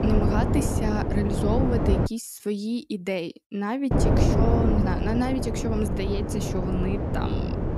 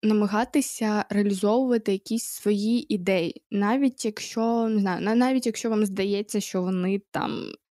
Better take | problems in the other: second | wind noise on the microphone; heavy; until 2 s and from 4 s on; 1 dB above the speech

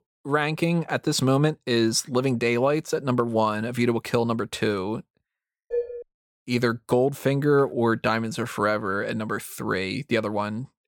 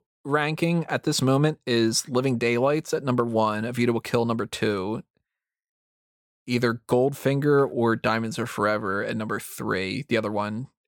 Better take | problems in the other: second | clattering dishes; noticeable; at 5.5 s; peak 5 dB below the speech

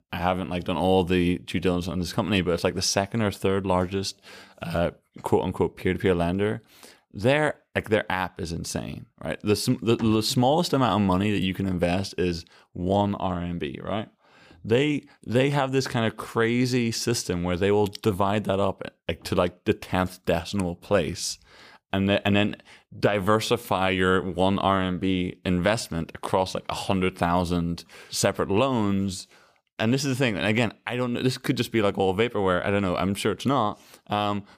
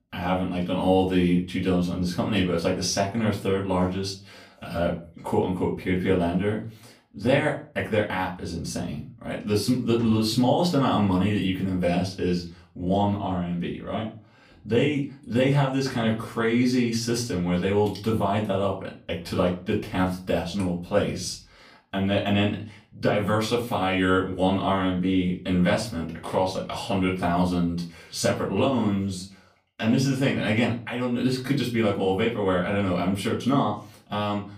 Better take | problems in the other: first | room echo; slight; dies away in 0.3 s // off-mic speech; far

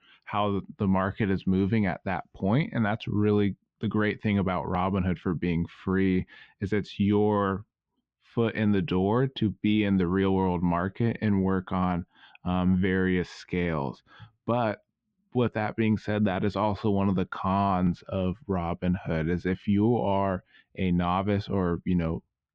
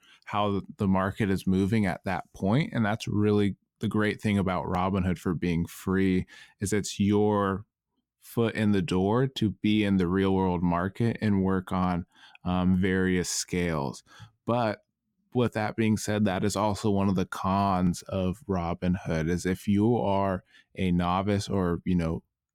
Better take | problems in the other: second | muffled; slightly; fading above 3.5 kHz

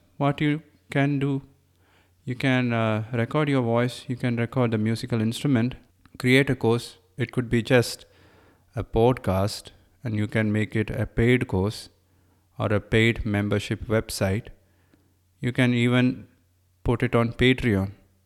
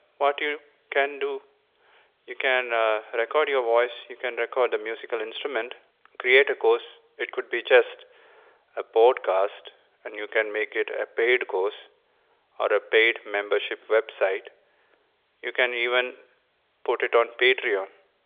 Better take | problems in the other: first | phone-call audio; nothing above 3.5 kHz

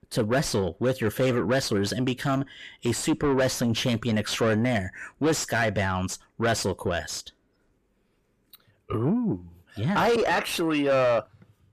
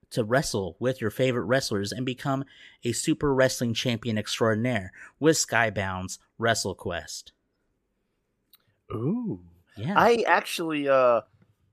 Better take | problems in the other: second | distortion; heavy; 6 dB below the speech

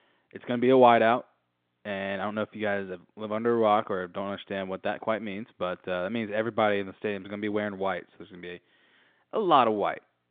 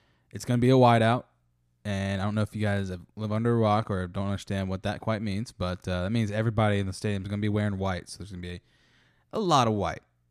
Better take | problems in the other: second | phone-call audio; nothing above 3.5 kHz

